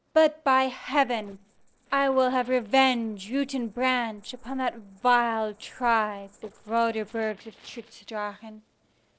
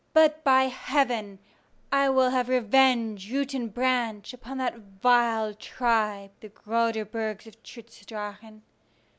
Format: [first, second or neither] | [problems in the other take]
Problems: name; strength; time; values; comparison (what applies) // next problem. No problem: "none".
second | noise reduction (neural separator model SepFormer DNS4)